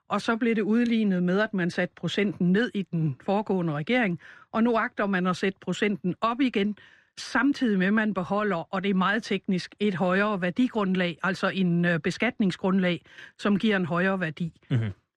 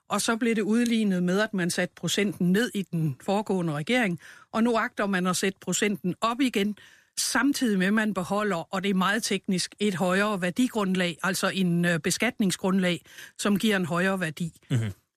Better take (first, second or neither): second